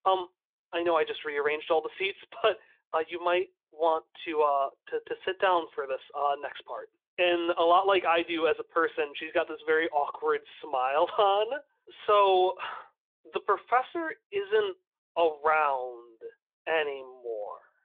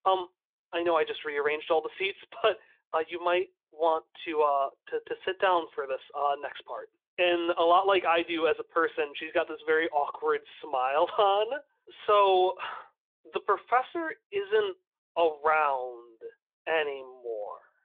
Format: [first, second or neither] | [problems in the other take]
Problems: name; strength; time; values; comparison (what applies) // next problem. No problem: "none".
neither | phone-call audio; nothing above 3.5 kHz; the same in both